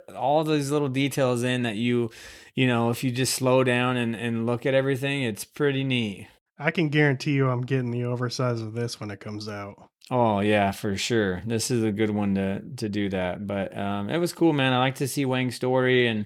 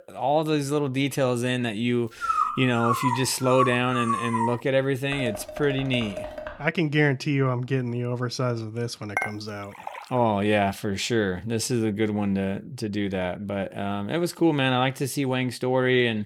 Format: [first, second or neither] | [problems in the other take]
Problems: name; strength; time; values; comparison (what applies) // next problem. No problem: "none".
first | dog barking; loud; from 2 to 4.5 s; peak 1 dB above the speech // clattering dishes; noticeable; from 5 to 6.5 s and at 9 s; peak 4 dB below the speech